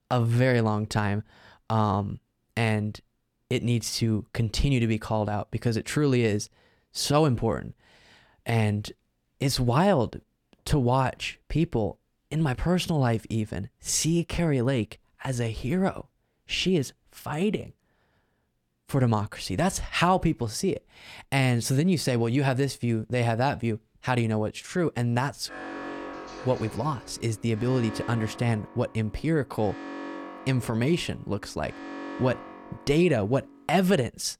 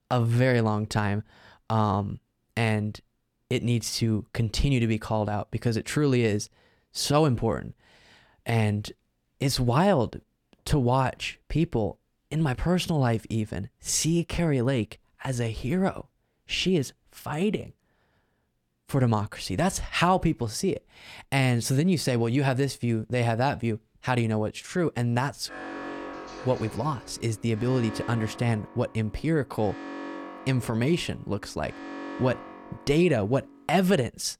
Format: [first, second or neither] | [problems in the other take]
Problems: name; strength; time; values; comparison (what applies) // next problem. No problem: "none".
neither | alarm; noticeable; from 25 to 34 s; peak 9 dB below the speech; the same in both